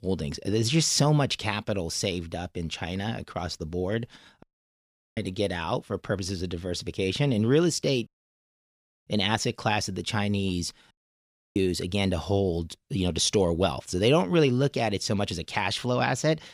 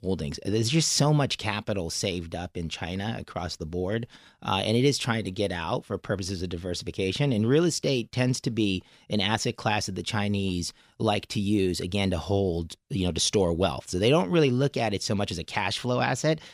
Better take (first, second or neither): second